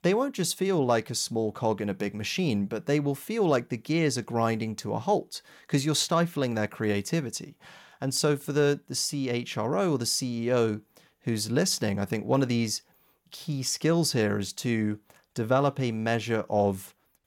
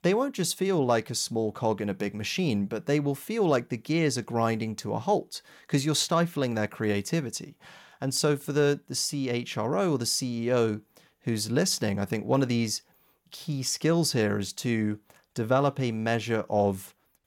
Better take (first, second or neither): neither